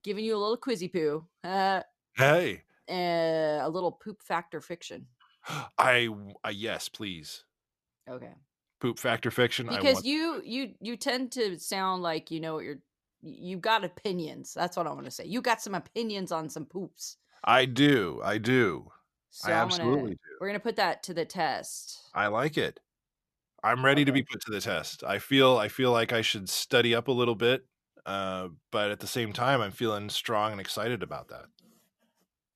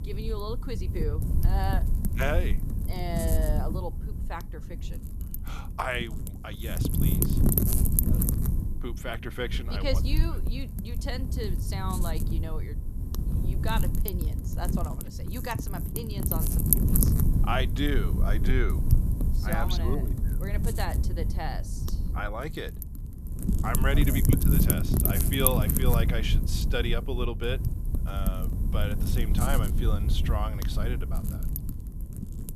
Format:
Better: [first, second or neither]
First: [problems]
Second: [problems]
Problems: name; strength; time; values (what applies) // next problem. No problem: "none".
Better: first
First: none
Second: wind noise on the microphone; heavy; 4 dB below the speech